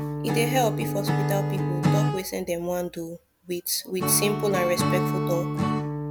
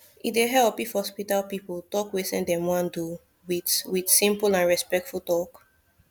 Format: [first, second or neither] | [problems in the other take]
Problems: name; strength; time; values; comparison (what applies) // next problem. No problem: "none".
second | background sound (Acoustic guitar / Strum); 1 dB above the speech